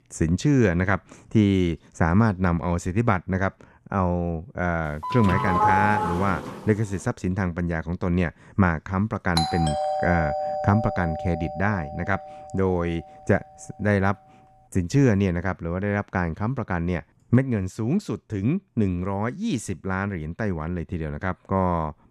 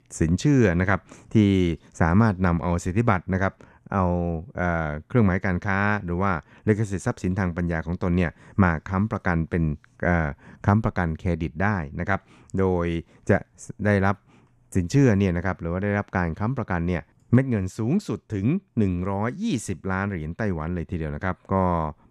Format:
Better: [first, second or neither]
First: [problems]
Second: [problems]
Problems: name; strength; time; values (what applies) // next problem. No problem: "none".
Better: second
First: doorbell; loud; from 5 to 6.5 s; peak 4 dB above the speech // doorbell; noticeable; from 9.5 to 12 s; peak 1 dB below the speech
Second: none